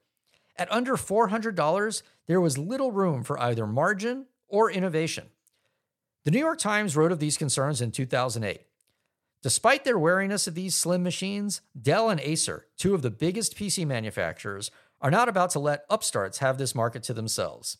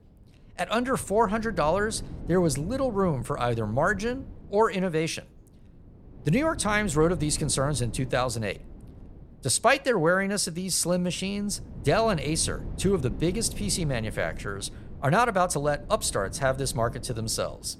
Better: first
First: none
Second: wind noise on the microphone; occasional gusts; 25 dB below the speech

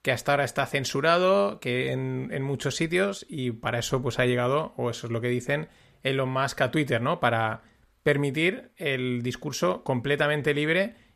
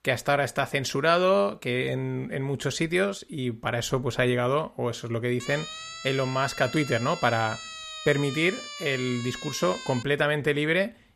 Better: first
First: none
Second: siren; noticeable; from 5.5 to 10 s; peak 10 dB below the speech

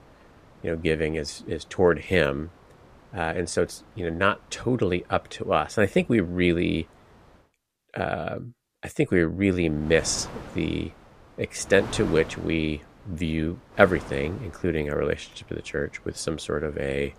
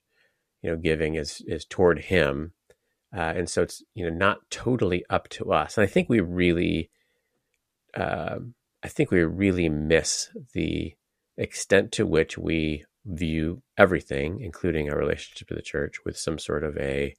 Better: second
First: wind noise on the microphone; occasional gusts; until 7.5 s and from 9.5 s on; 20 dB below the speech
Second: none

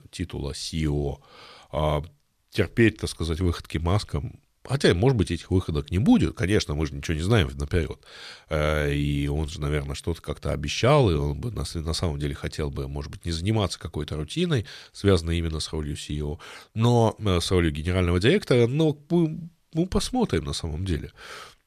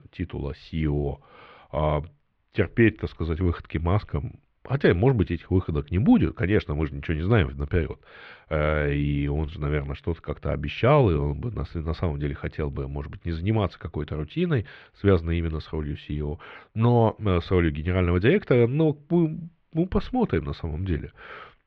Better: first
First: none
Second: muffled; very; fading above 2.5 kHz

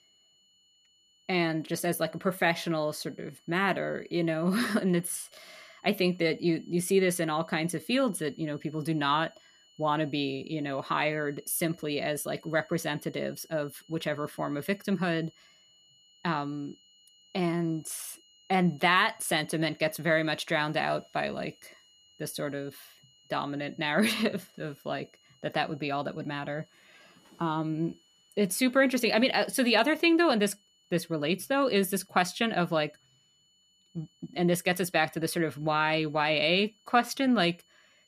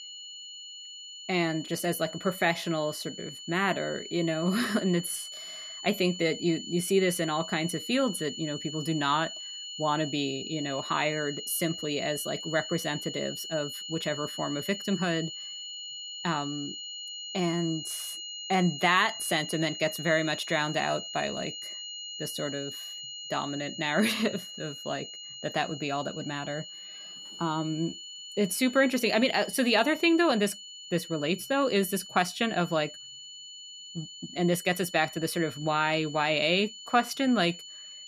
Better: first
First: high-pitched whine; faint; throughout; 3 kHz, 30 dB below the speech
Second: high-pitched whine; loud; throughout; 3 kHz, 10 dB below the speech

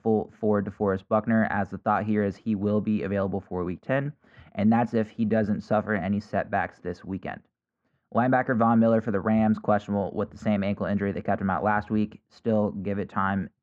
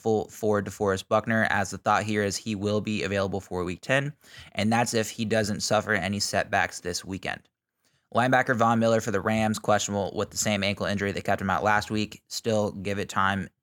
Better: second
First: muffled; very; fading above 1.5 kHz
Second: none

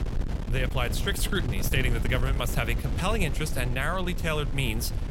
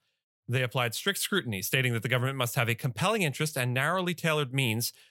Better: second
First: wind noise on the microphone; occasional gusts; 10 dB below the speech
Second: none

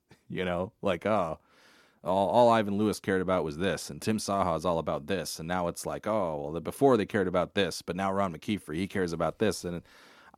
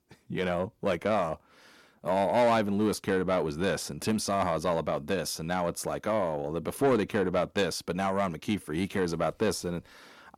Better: first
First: none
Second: distortion; slight; 10 dB below the speech

